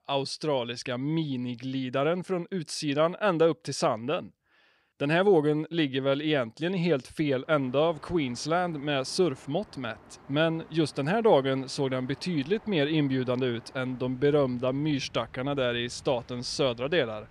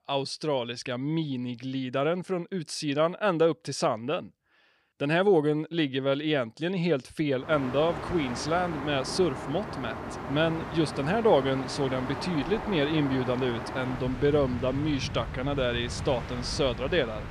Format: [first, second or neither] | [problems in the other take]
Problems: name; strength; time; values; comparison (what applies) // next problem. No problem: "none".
first | train or aircraft noise; loud; from 7.5 s on; 8 dB below the speech; faint in the first